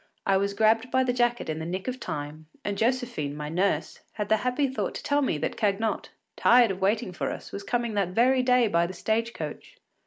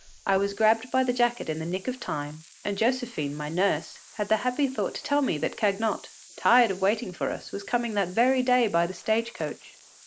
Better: first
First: none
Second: noise reduction (neural mask model Resemble Enhance denoiser)

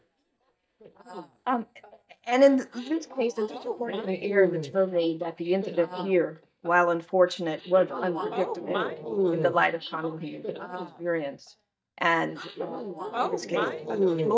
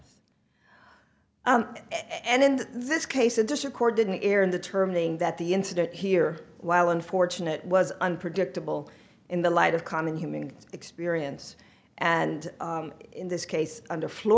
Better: second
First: noise reduction (neural mask model DeepFilterNet 3)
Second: none

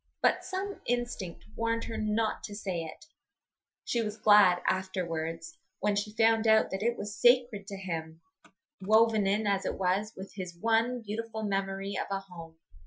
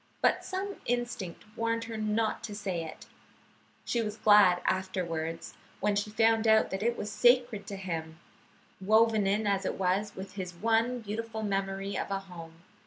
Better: second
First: noise reduction (classical method Wiener filter)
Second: none

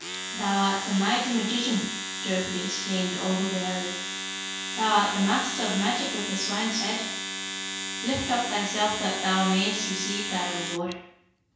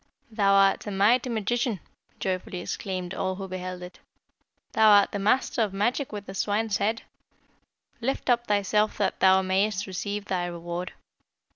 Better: second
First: background sound (Domestic sounds, home sounds); 4 dB below the speech // room echo; dies away in 0.6 s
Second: none

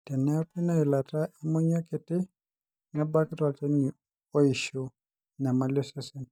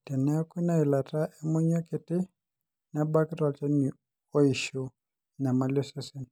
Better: second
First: noise reduction (neural mask model DeepFilterNet 3)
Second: none

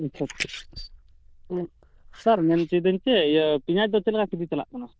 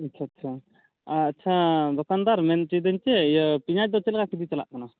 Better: second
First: noise reduction (neural diffusion model UNIVERSE++)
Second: none

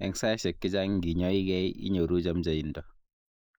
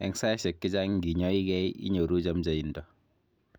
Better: second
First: noise reduction (neural mask model Resemble Enhance denoiser)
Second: none

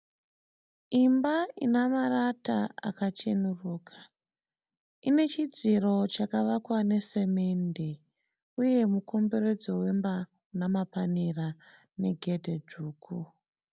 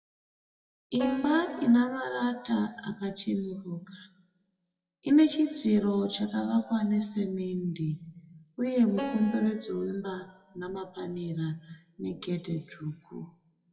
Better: first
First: none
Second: noise reduction (classical method WPE with log-MMSE)

